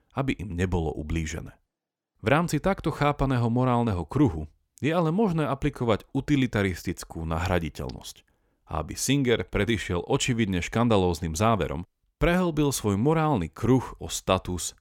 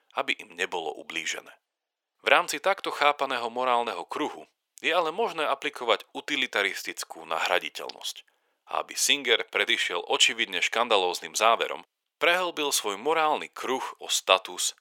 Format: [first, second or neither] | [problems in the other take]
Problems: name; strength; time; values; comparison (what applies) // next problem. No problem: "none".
first | thin; very; fading below 500 Hz